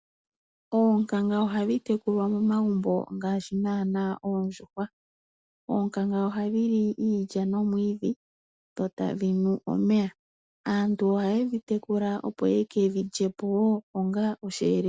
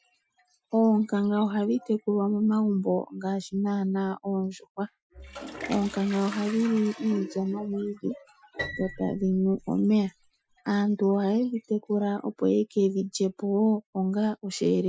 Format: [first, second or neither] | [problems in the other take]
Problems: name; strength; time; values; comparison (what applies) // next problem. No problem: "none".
first | noise reduction (classical method Wiener filter)